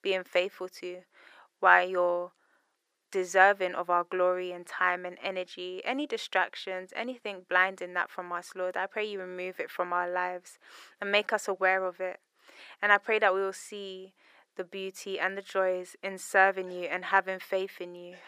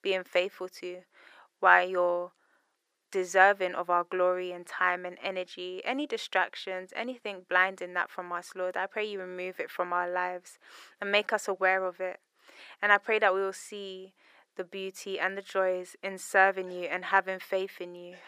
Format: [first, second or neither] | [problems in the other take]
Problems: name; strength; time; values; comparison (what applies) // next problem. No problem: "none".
neither | thin; very; fading below 450 Hz; the same in both